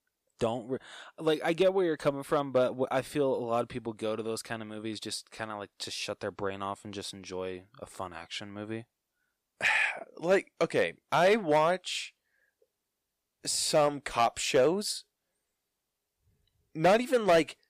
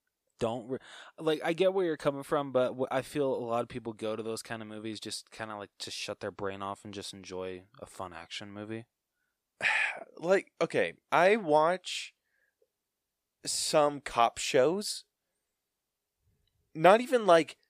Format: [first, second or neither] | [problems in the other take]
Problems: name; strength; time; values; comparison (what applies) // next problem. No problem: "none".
second | distortion; slight; 1.5% of the sound clipped